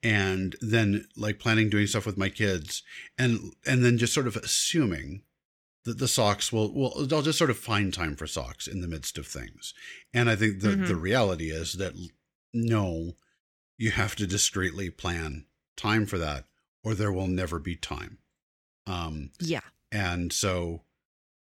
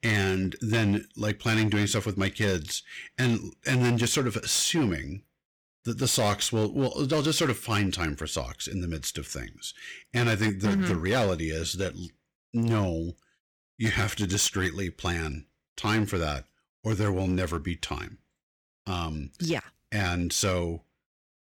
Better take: first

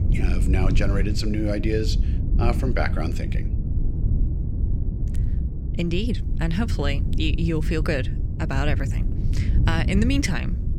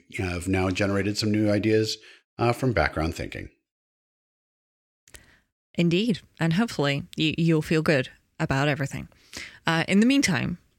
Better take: second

